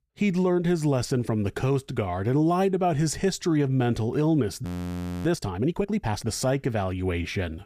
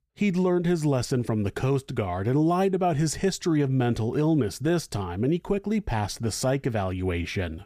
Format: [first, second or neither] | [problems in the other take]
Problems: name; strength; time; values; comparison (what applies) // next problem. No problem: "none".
second | audio freezing; at 4.5 s for 0.5 s